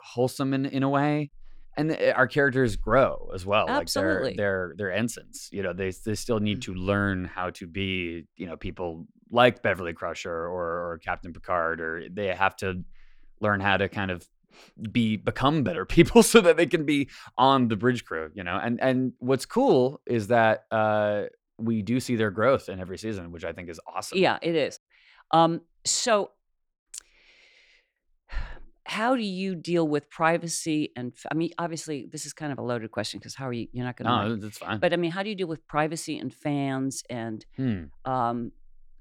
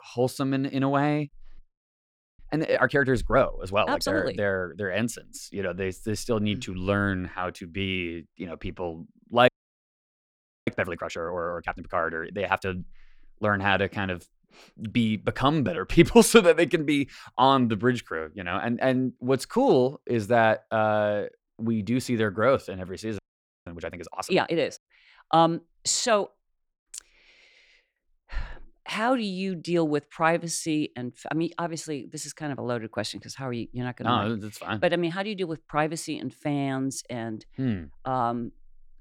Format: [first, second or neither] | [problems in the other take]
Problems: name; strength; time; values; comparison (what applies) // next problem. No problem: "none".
first | audio freezing; at 1.5 s for 1 s, at 9.5 s for 1 s and at 23 s